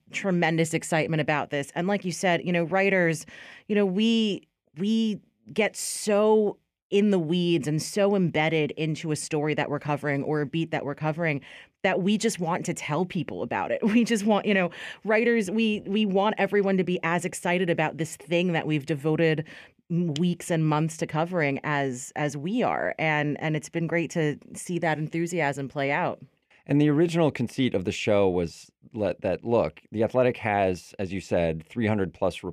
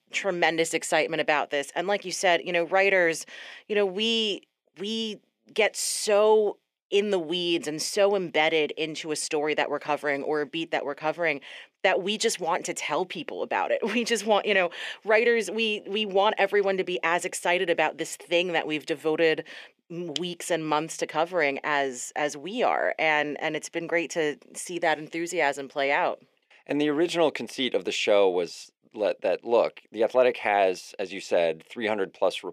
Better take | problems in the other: first | thin; somewhat; fading below 450 Hz

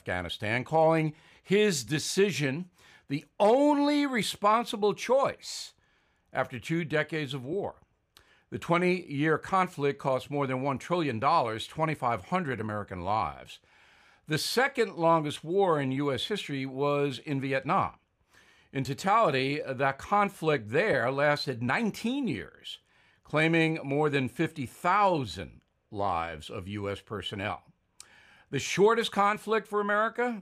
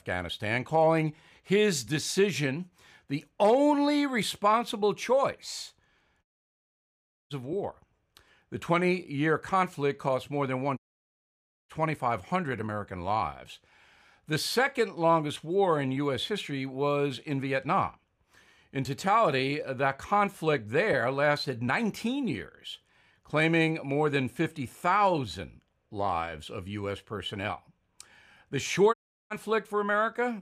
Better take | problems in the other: first | audio cutting out; at 6 s for 1 s, at 11 s for 1 s and at 29 s

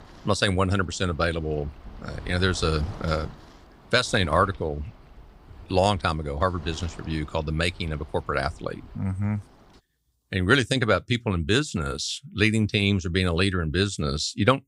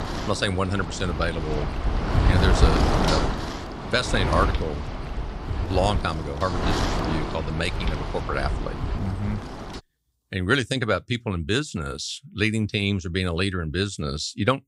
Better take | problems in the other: first | wind noise on the microphone; heavy; until 10 s; 3 dB below the speech; occasional gusts in the first

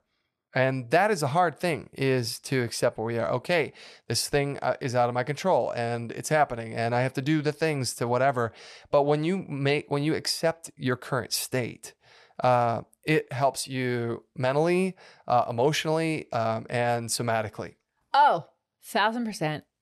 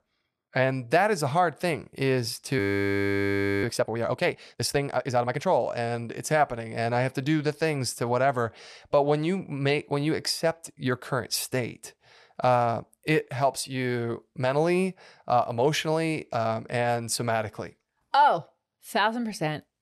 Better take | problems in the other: first | audio freezing; at 2.5 s for 1 s

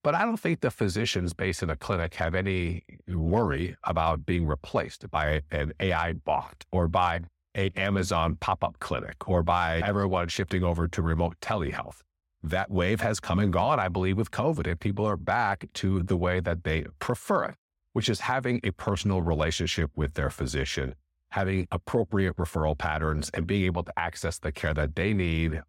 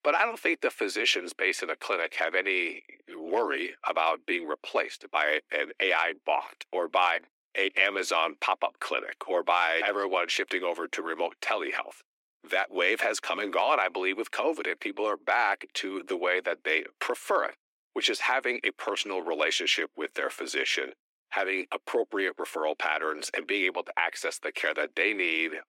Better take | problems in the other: first | thin; very; fading below 300 Hz

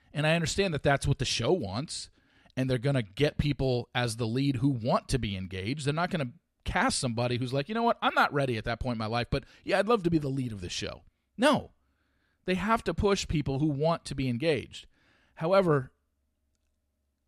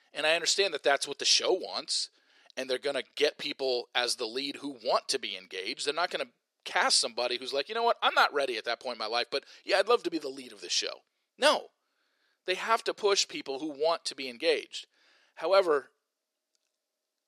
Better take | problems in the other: first | thin; very; fading below 400 Hz

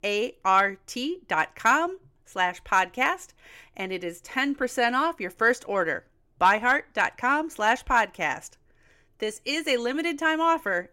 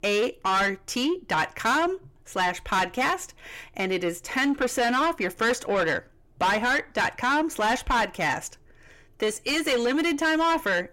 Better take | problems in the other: first | distortion; heavy; 6 dB below the speech

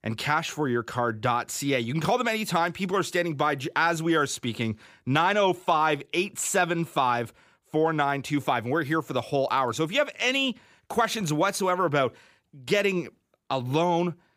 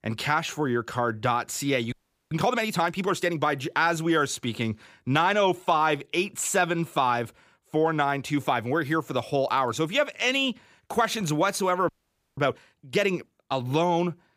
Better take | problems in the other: first | audio freezing; at 2 s and at 12 s

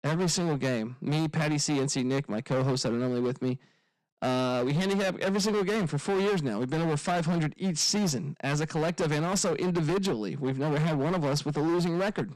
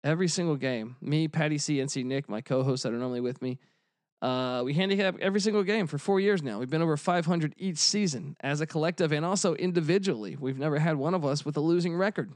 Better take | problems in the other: second | distortion; heavy; 23% of the sound clipped

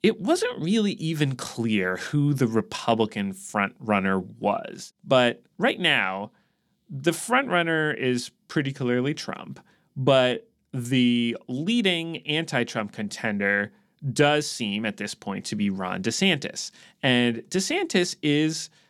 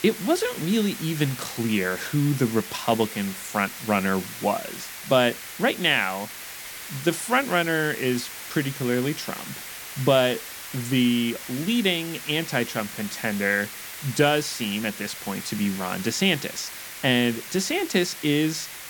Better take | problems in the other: first | hiss; noticeable; throughout; 10 dB below the speech

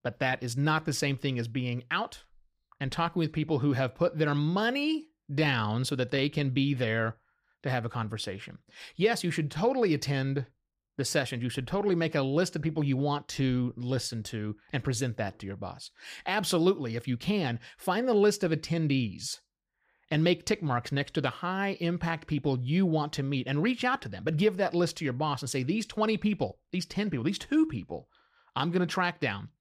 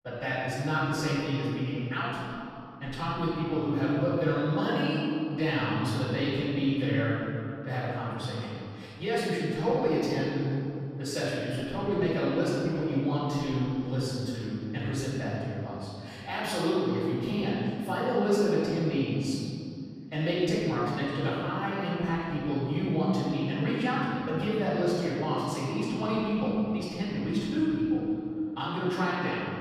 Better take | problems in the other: first | off-mic speech; far // room echo; strong; dies away in 2.6 s

